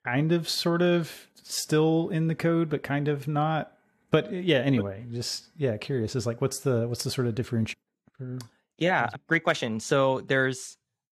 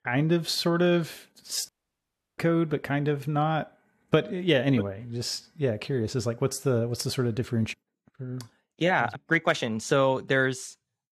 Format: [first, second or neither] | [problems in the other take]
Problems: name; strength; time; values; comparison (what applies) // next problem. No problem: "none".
first | audio cutting out; at 1.5 s for 0.5 s